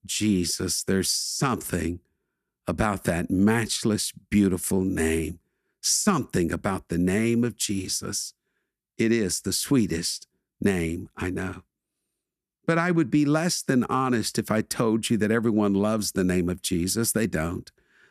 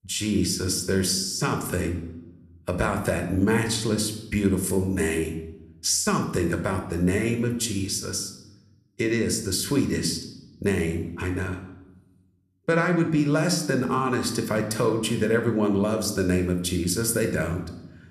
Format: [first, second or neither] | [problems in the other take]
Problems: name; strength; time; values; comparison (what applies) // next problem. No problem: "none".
first | room echo; slight; dies away in 0.7 s